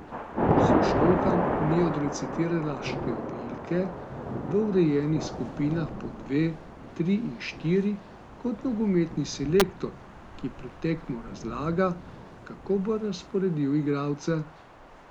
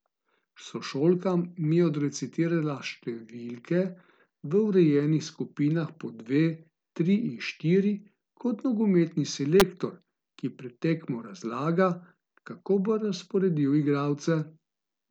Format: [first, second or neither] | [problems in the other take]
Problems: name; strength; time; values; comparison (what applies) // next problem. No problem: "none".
second | background sound (Thunder / Rain); 3 dB below the speech